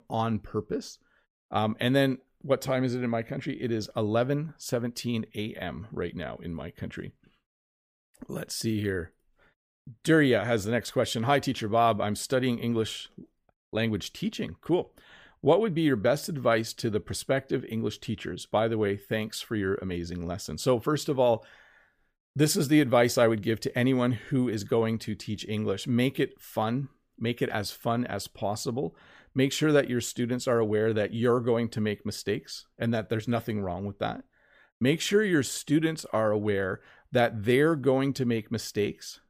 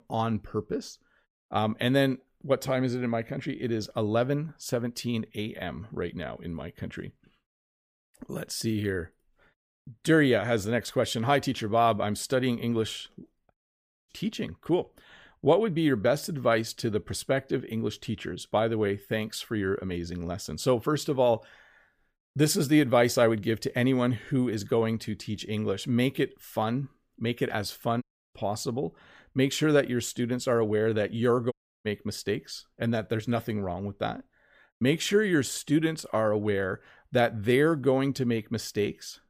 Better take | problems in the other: first | audio cutting out; at 14 s, at 28 s and at 32 s

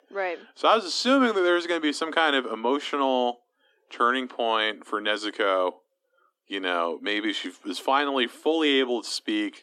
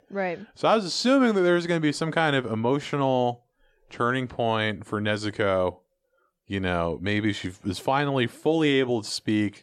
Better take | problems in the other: second | thin; very slightly; fading below 250 Hz

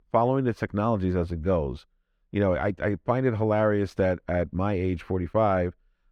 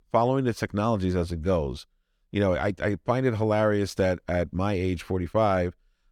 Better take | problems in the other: second | muffled; slightly; fading above 3.5 kHz

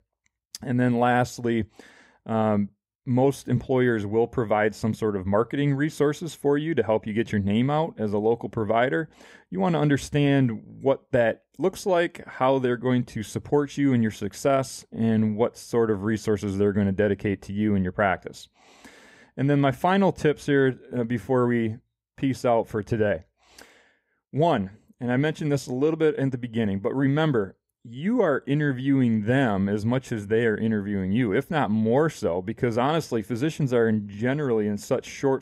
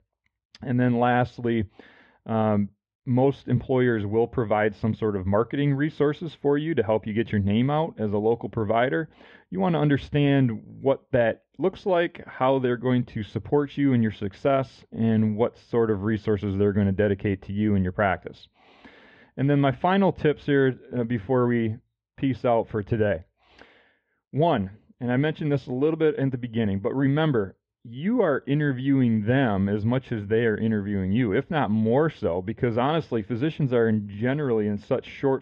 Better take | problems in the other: first | muffled; slightly; fading above 3.5 kHz

